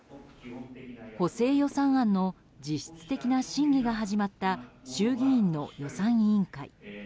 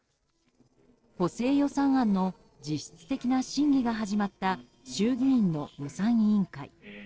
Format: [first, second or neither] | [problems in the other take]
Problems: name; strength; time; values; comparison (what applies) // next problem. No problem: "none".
first | noise reduction (neural separator model SepFormer DNS4)